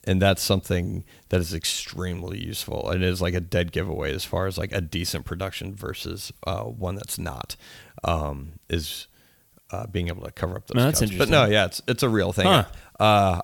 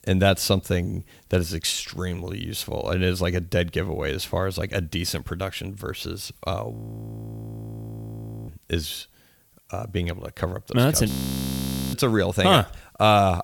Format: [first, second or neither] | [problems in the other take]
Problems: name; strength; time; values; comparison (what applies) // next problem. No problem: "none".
first | audio freezing; at 6.5 s for 2 s and at 11 s for 1 s